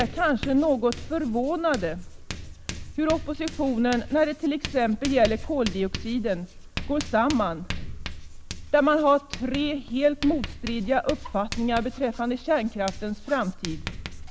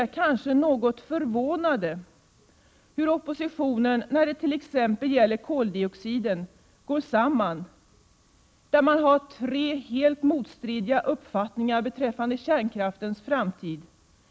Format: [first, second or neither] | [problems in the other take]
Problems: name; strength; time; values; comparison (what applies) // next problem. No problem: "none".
second | background sound (Writing); 10 dB below the speech